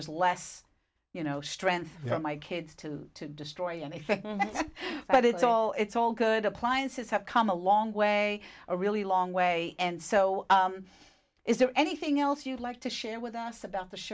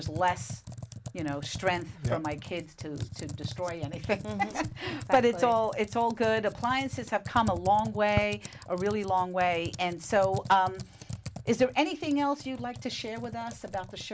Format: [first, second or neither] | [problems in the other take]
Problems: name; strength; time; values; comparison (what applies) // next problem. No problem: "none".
first | background sound (Computer keyboard); 11 dB below the speech